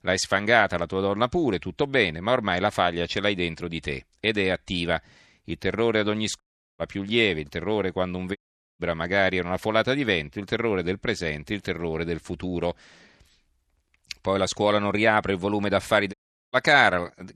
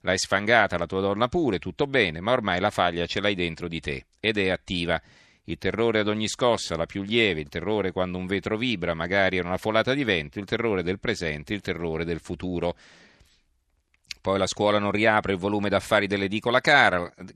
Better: second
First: audio cutting out; at 6.5 s, at 8.5 s and at 16 s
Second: none

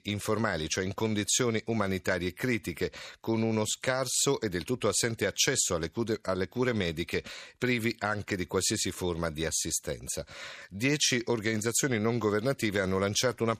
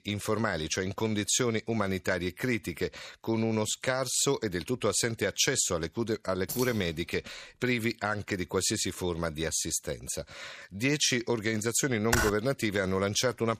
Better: first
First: none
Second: jangling keys; noticeable; at 6.5 s; peak 7 dB below the speech // keyboard typing; loud; at 12 s; peak level with the speech

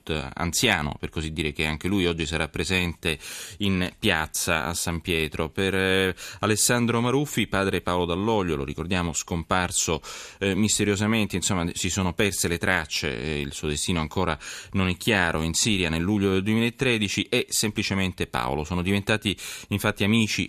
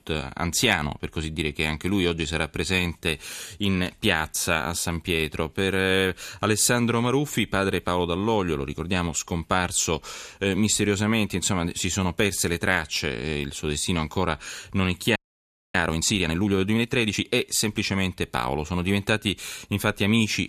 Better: first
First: none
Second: audio freezing; at 15 s for 0.5 s

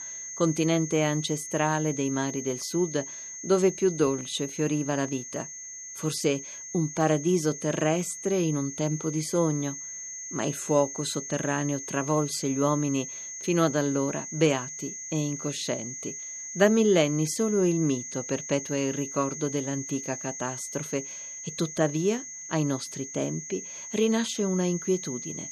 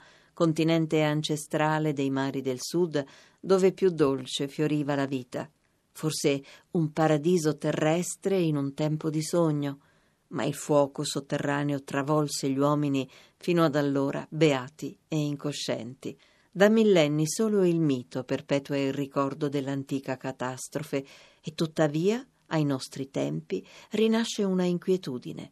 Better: second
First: high-pitched whine; loud; throughout; 6.5 kHz, 8 dB below the speech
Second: none

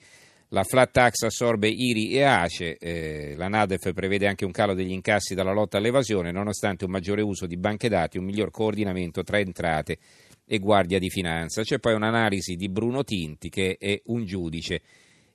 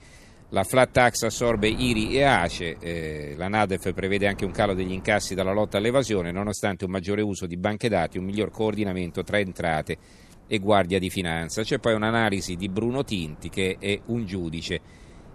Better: first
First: none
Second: wind noise on the microphone; occasional gusts; until 6.5 s and from 8 s on; 25 dB below the speech

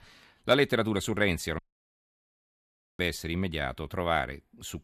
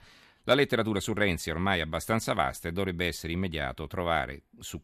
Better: second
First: audio cutting out; at 1.5 s for 1.5 s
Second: none

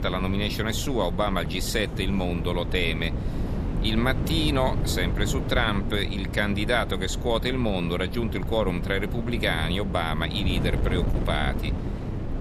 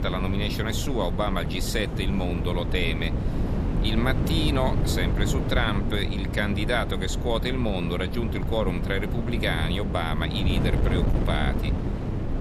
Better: first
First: wind noise on the microphone; occasional gusts; 10 dB below the speech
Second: wind noise on the microphone; heavy; 7 dB below the speech

